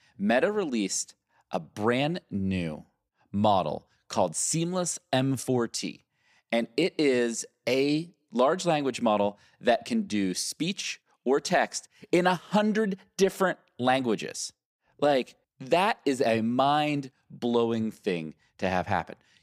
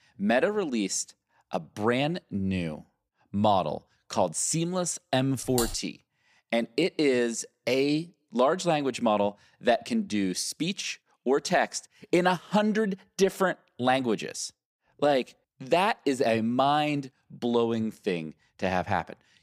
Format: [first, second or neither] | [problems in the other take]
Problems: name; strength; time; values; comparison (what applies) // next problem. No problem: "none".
first | keyboard typing; noticeable; at 5.5 s; peak 5 dB below the speech